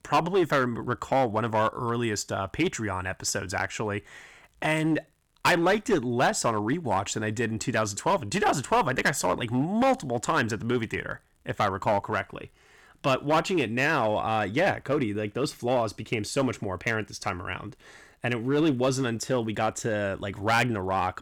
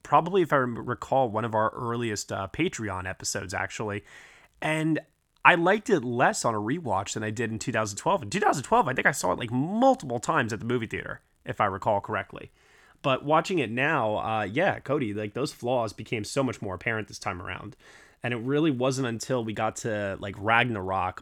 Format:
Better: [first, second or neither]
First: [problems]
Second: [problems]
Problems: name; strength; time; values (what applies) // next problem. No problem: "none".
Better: second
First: distortion; slight; 5% of the sound clipped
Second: none